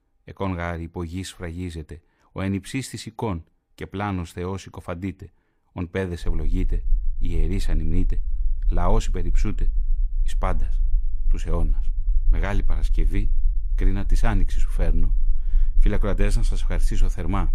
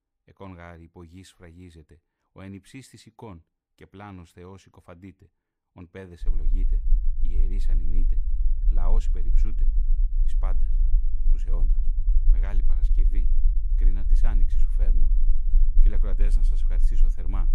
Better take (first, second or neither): first